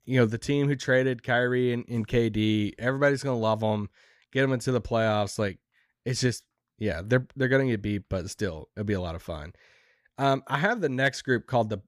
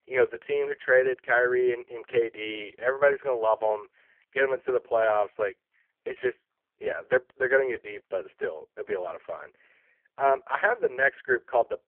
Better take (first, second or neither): first